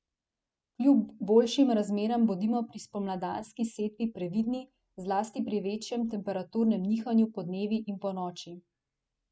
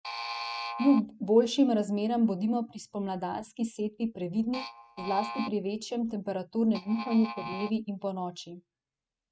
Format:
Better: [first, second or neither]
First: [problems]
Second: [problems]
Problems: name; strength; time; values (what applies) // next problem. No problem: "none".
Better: first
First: none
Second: noise reduction (neural mask model RNNoise)